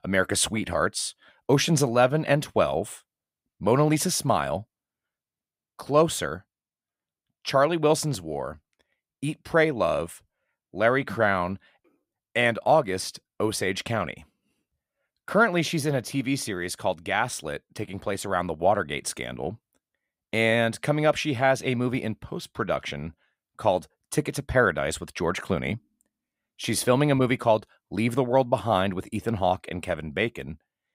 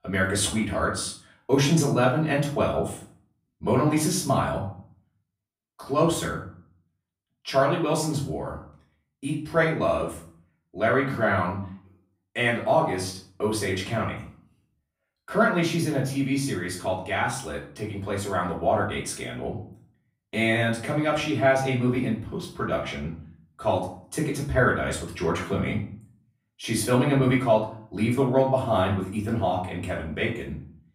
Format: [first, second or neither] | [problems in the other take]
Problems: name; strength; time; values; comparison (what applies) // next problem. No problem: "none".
first | room echo; slight; dies away in 0.4 s // off-mic speech; far